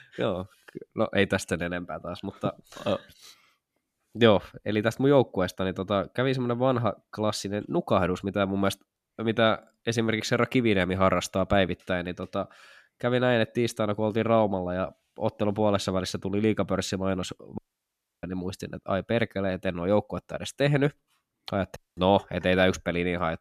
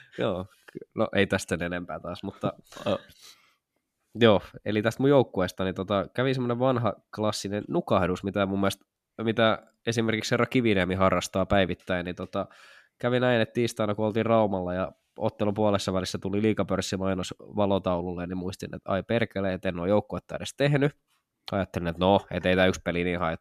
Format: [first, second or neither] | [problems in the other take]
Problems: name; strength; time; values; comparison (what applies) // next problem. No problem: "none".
second | audio cutting out; at 18 s for 0.5 s and at 22 s